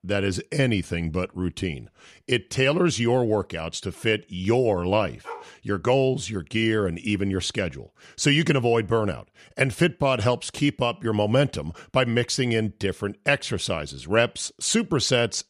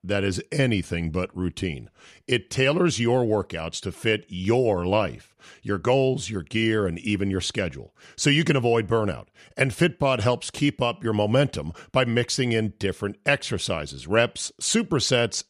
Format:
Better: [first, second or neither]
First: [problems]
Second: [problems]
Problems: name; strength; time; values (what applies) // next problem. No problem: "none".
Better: second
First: dog barking; faint; at 5.5 s; peak 15 dB below the speech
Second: none